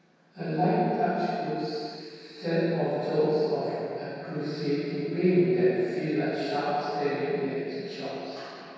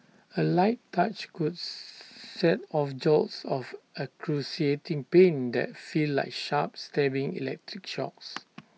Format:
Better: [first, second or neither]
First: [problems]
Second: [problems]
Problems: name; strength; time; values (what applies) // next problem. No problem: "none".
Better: second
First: room echo; dies away in 2.2 s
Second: none